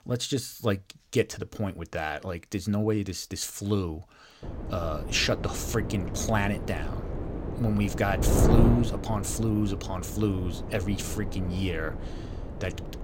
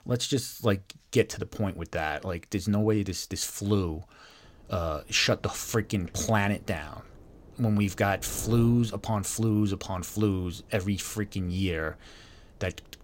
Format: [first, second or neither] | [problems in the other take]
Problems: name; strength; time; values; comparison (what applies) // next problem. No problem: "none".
second | wind noise on the microphone; heavy; from 4.5 s on; 5 dB below the speech; occasional gusts in the second